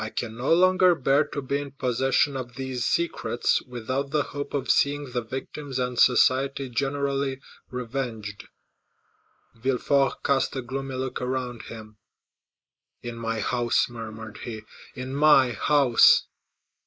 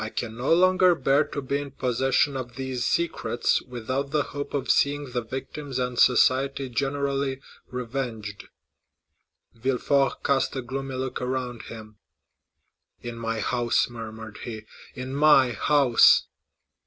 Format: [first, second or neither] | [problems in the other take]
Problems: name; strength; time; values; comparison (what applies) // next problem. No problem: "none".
second | noise reduction (neural mask model Resemble Enhance denoiser)